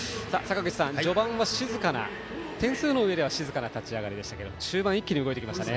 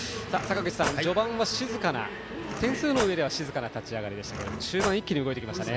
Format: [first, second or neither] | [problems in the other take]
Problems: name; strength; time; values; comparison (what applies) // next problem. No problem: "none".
first | background sound (Cutlery, silverware / Drawer open or close); 7 dB below the speech